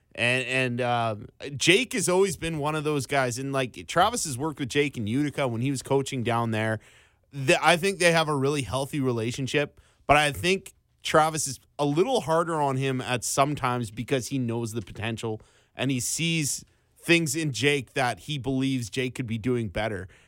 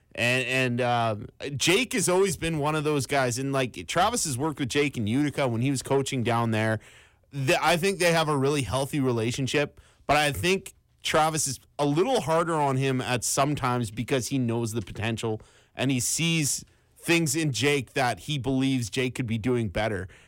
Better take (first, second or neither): first